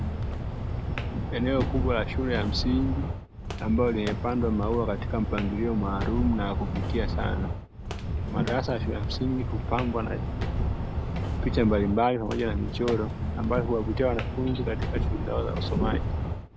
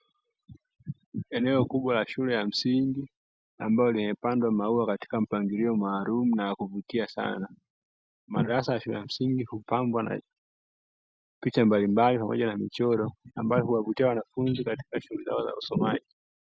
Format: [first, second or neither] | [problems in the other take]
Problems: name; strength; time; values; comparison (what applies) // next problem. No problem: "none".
second | background sound (Walk, footsteps); as loud as the speech